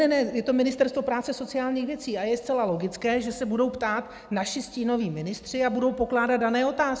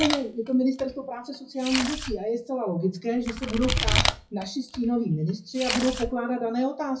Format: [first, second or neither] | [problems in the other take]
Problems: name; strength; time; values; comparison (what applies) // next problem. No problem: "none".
first | noise reduction (classical method WPE with log-MMSE)